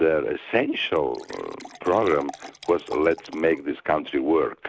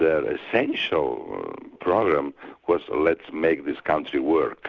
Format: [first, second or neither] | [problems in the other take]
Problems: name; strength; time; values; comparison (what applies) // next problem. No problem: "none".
second | noise reduction (neural mask model RNNoise)